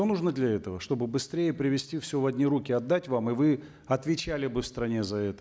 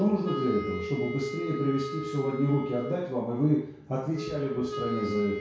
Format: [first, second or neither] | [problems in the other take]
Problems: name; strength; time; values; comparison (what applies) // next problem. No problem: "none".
first | background sound (Wind instrument, woodwind instrument); 7 dB below the speech // room echo; dies away in 0.6 s